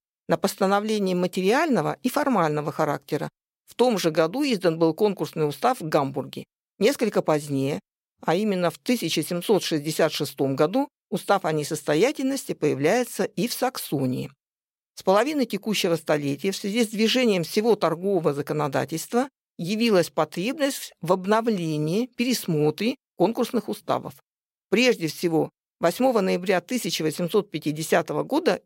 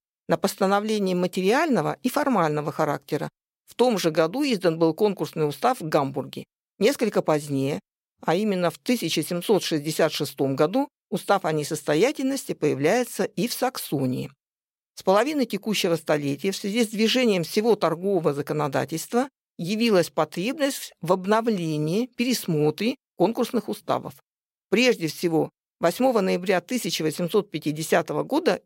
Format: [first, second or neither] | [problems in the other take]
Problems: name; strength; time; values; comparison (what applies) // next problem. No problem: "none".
neither | none